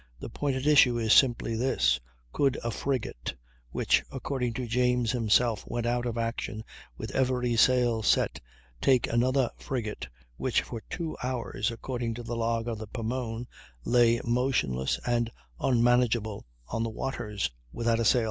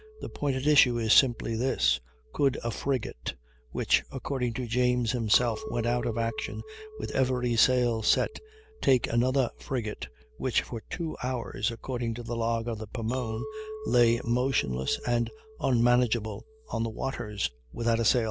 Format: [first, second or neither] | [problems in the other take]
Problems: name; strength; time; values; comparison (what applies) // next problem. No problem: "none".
first | background sound (Chink, clink); 18 dB below the speech